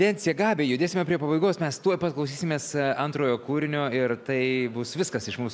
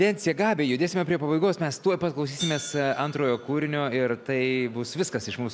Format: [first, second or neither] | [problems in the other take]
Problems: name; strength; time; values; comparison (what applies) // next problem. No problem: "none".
first | background sound (Hi-hat); 19 dB below the speech